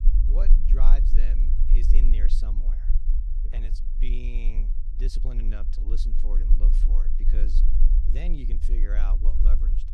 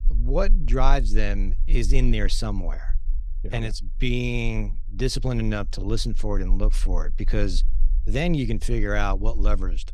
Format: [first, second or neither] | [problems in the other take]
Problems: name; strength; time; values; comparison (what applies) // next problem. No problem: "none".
second | low rumble; loud; throughout; 5 dB below the speech; faint in the second